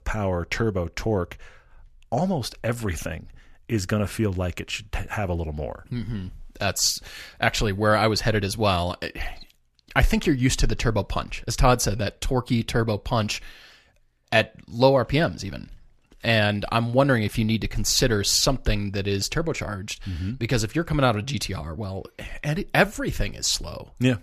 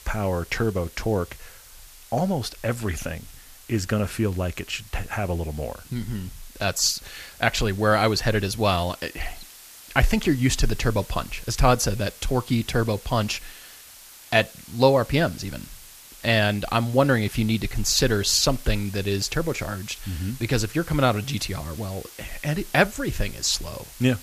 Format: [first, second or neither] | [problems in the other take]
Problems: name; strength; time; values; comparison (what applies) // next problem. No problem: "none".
first | hiss; noticeable; throughout; 20 dB below the speech